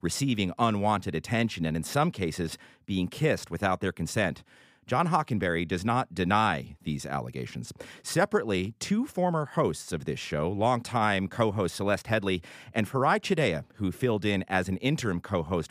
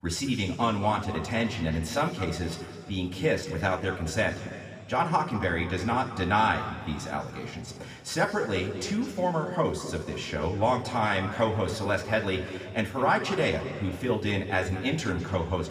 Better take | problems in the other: first | room echo; slight; dies away in 2.2 s // off-mic speech; somewhat distant

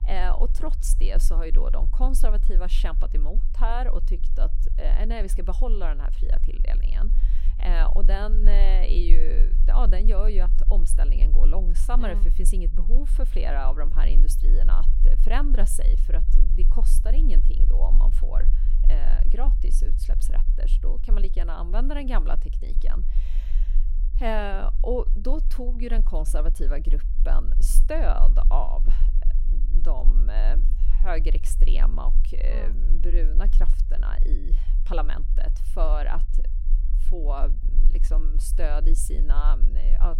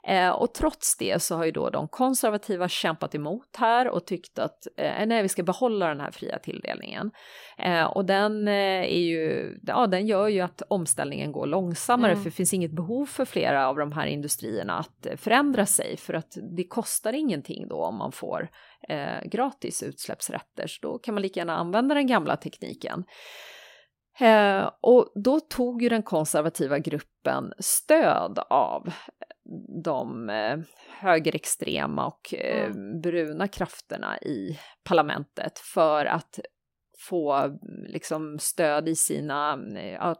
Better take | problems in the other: second | low rumble; noticeable; throughout; 15 dB below the speech

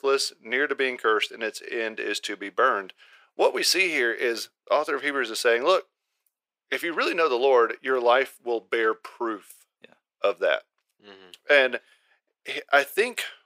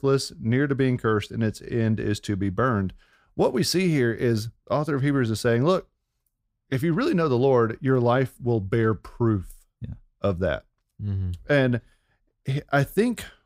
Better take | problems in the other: second | thin; very; fading below 450 Hz

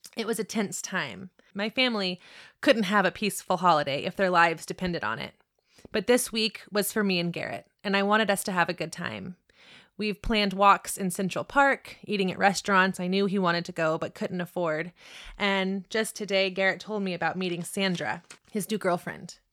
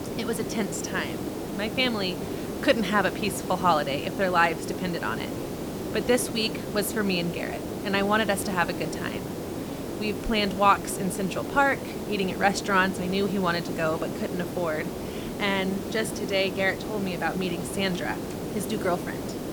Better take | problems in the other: first | hiss; loud; throughout; 6 dB below the speech

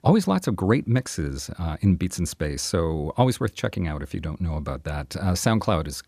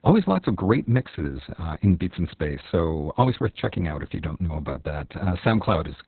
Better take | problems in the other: first | garbled, watery; badly; nothing above 4 kHz

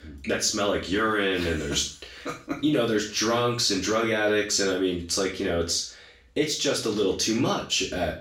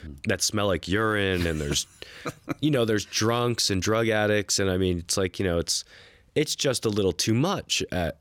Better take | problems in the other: second | room echo; noticeable; dies away in 0.4 s // off-mic speech; far

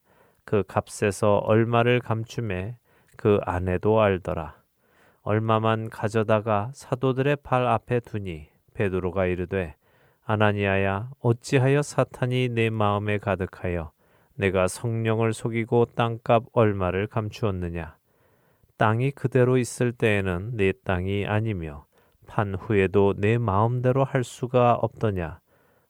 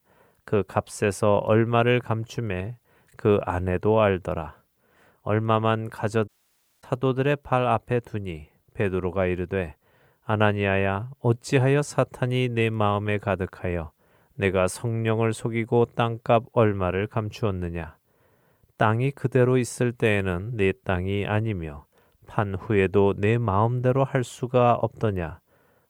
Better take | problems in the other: first | audio cutting out; at 6.5 s for 0.5 s

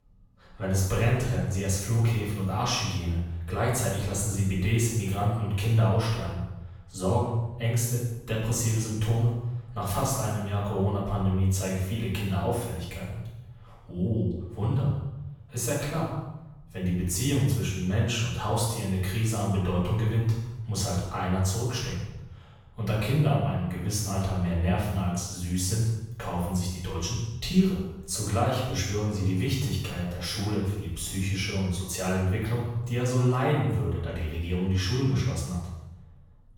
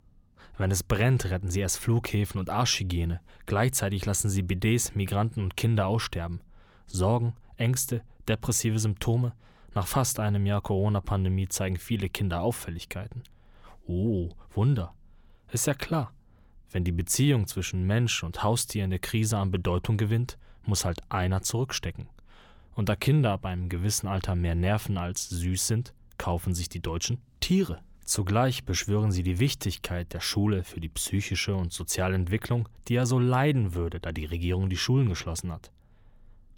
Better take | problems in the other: second | off-mic speech; far // room echo; strong; dies away in 0.8 s

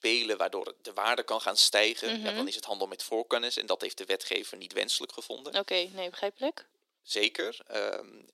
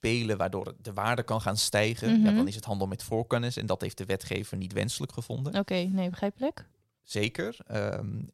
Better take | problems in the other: second | thin; very; fading below 300 Hz

